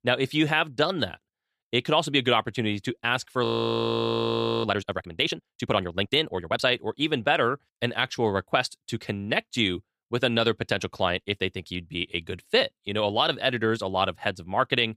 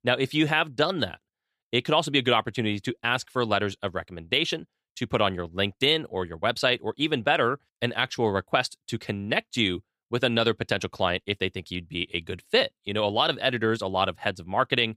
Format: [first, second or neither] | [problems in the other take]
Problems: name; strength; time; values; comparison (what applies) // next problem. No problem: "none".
second | audio freezing; at 3.5 s for 1 s